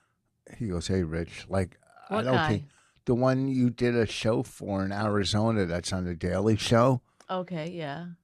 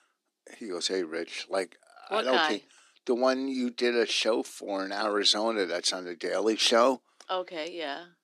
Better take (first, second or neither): first